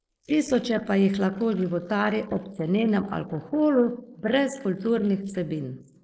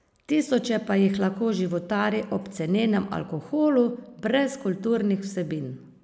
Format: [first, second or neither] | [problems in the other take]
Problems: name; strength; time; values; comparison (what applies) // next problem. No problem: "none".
second | noise reduction (neural mask model Resemble Enhance denoiser)